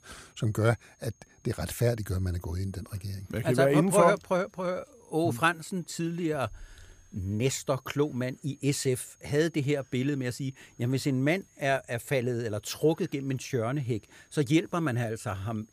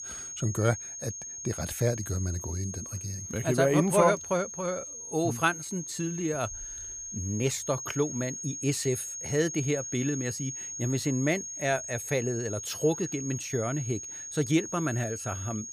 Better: first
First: high-pitched whine; faint; throughout; 6.5 kHz, 35 dB below the speech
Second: high-pitched whine; loud; throughout; 6.5 kHz, 7 dB below the speech

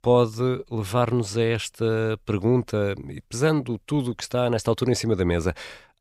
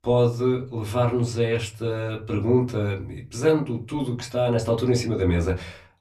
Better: first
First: none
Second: off-mic speech; far // room echo; very slight; dies away in 0.3 s

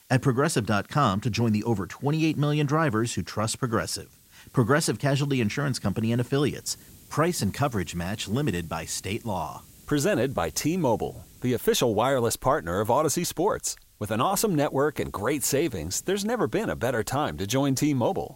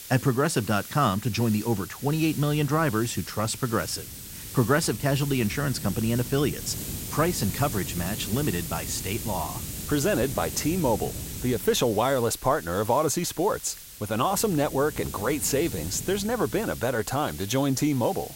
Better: first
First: hiss; faint; throughout; 25 dB below the speech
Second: hiss; loud; throughout; 10 dB below the speech

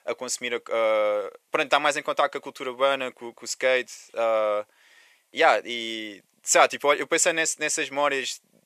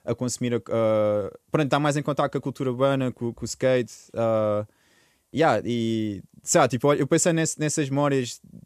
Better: second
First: thin; very; fading below 650 Hz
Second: none

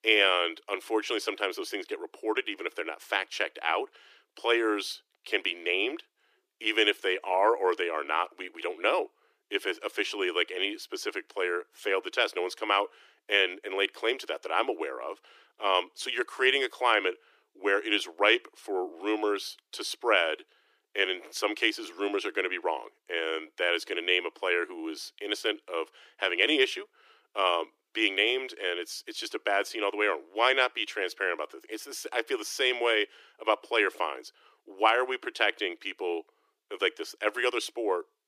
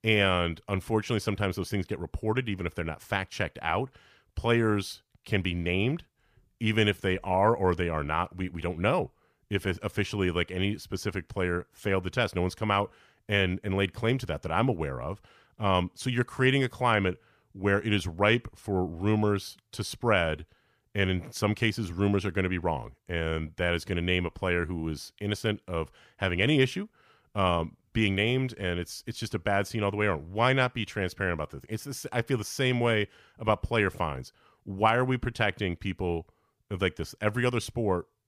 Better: second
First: thin; very; fading below 300 Hz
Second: none

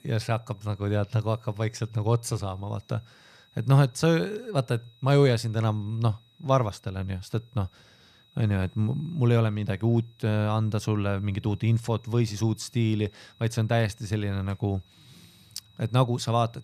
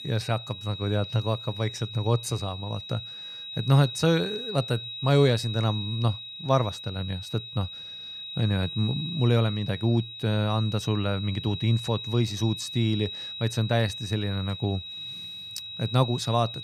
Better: first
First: high-pitched whine; faint; throughout; 4 kHz, 30 dB below the speech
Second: high-pitched whine; loud; throughout; 4 kHz, 8 dB below the speech

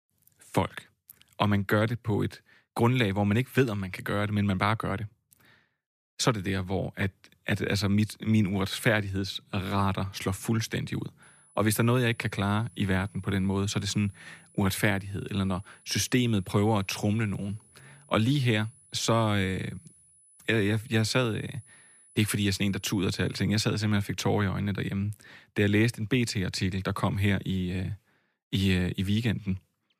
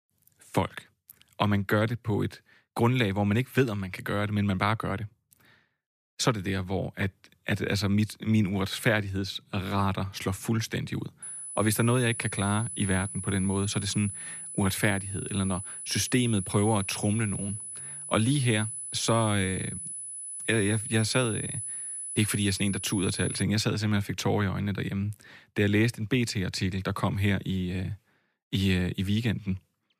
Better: first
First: high-pitched whine; faint; from 11 to 23 s; 10 kHz, 30 dB below the speech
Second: high-pitched whine; loud; from 11 to 23 s; 10 kHz, 7 dB below the speech

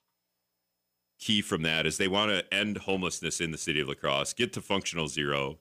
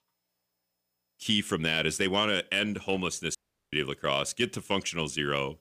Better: first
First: none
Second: audio cutting out; at 3.5 s

